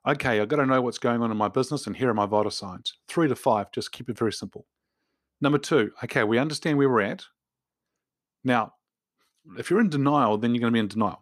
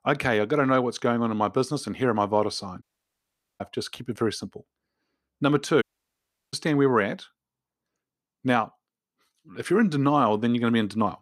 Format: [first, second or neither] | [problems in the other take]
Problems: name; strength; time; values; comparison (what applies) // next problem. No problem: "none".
first | audio cutting out; at 3 s for 1 s and at 6 s for 0.5 s